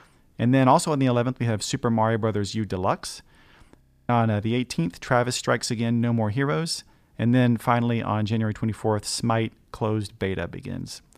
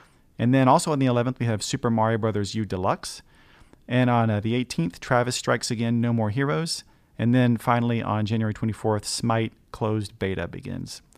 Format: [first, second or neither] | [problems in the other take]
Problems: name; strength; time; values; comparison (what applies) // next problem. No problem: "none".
second | audio freezing; at 4 s